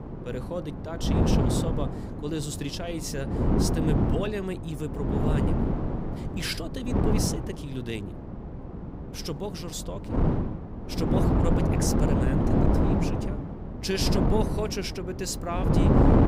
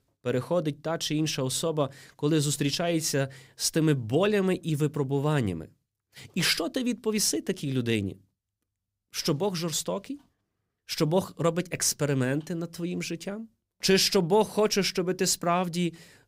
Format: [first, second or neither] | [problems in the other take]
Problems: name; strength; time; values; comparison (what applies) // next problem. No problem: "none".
second | wind noise on the microphone; heavy; 2 dB above the speech